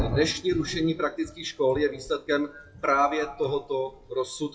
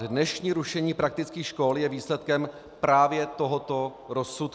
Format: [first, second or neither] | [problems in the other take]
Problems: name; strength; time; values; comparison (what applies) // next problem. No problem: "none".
second | noise reduction (classical method WPE with log-MMSE)